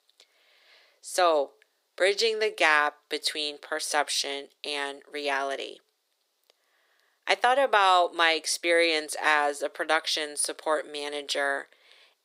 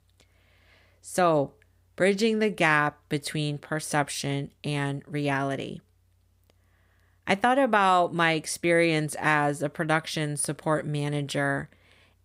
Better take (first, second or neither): second